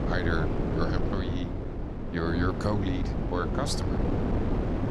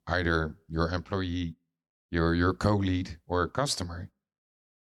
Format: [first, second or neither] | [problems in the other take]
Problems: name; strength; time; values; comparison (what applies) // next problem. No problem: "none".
second | wind noise on the microphone; heavy; 2 dB below the speech